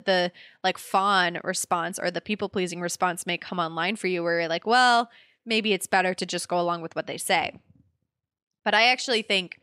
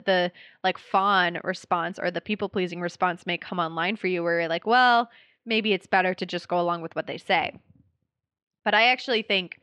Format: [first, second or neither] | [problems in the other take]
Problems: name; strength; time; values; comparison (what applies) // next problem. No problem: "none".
first | muffled; very slightly; fading above 3.5 kHz